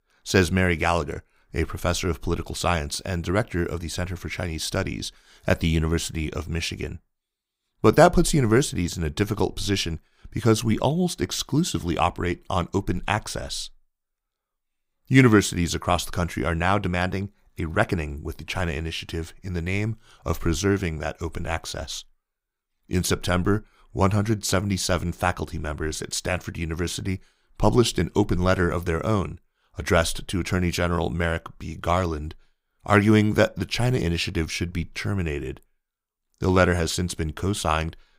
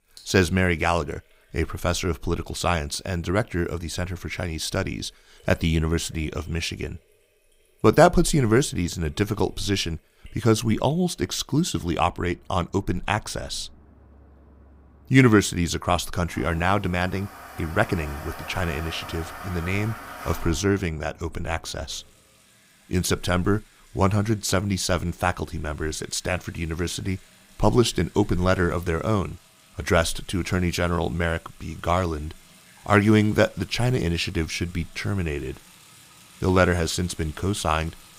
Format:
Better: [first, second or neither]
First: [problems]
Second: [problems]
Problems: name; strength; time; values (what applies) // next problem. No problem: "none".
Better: first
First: none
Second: household noises; faint; throughout; 20 dB below the speech